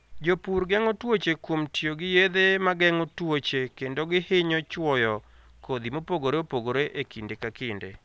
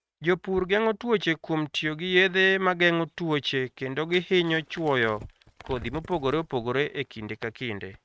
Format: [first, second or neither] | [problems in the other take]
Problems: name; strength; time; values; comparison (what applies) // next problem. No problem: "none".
first | noise reduction (neural mask model RNNoise)